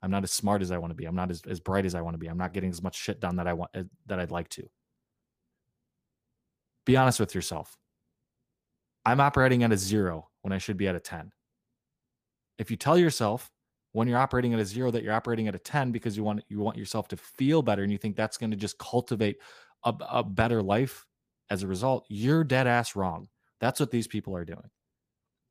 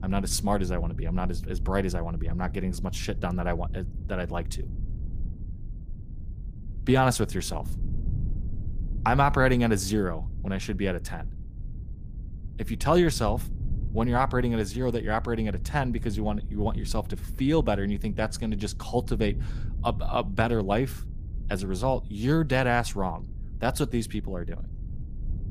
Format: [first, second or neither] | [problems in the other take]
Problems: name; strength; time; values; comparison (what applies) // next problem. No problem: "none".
first | low rumble; faint; throughout; 20 dB below the speech